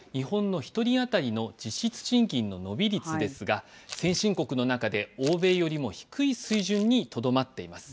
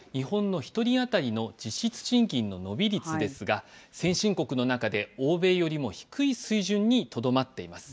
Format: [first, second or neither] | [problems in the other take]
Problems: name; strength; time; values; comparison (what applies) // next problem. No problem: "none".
second | background sound (Crumpling, crinkling); 17 dB below the speech